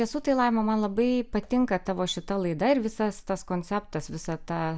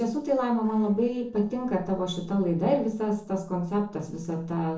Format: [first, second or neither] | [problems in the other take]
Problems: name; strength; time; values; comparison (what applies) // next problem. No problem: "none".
first | noise reduction (neural separator model SepFormer DNS4)